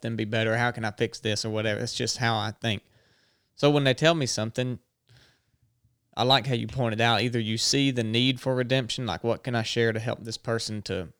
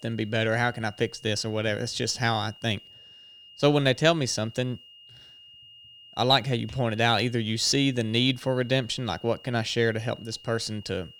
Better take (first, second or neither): first